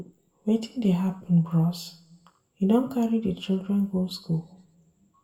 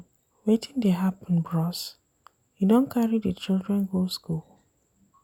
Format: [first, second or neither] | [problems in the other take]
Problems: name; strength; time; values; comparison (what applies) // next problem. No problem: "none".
second | room echo; dies away in 0.4 s